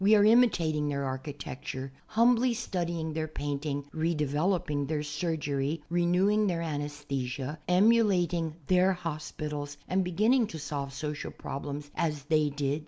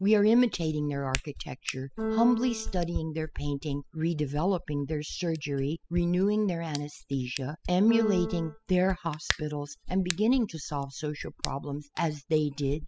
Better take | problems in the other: first | noise reduction (classical method spectral subtraction)

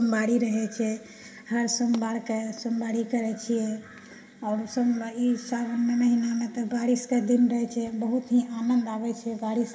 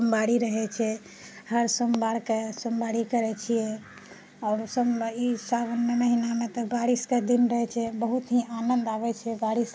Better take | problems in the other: second | room echo; dies away in 1.3 s

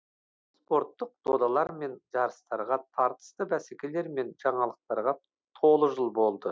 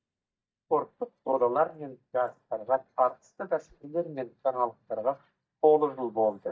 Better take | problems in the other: first | noise reduction (neural mask model DeepFilterNet 3)

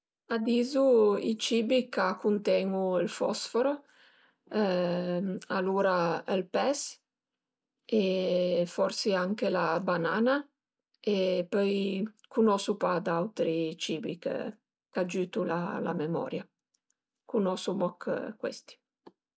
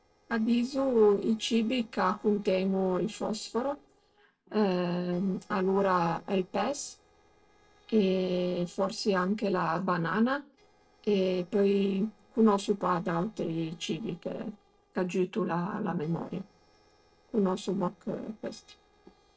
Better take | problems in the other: first | noise reduction (neural separator model SepFormer DNS4)

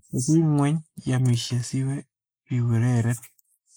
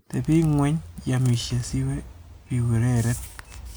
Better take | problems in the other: second | noise reduction (neural mask model Resemble Enhance denoiser)

